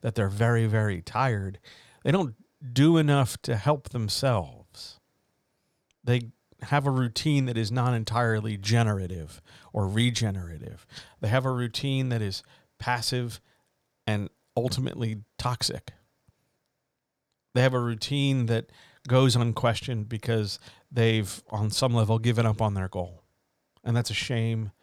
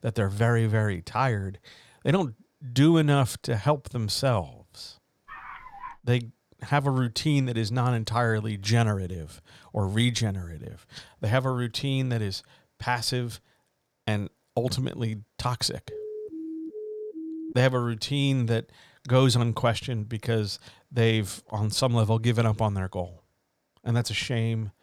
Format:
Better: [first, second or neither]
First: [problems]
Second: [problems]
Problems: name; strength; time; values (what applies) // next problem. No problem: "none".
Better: first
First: none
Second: dog barking; faint; at 5.5 s; peak 15 dB below the speech // siren; noticeable; from 16 to 18 s; peak 10 dB below the speech